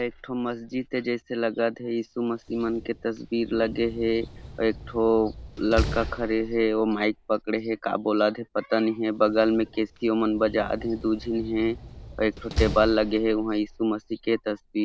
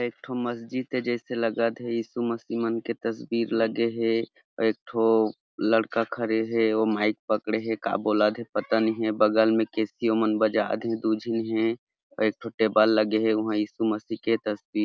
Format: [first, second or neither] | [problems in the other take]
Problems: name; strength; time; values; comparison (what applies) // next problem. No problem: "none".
second | background sound (Slam); 12 dB below the speech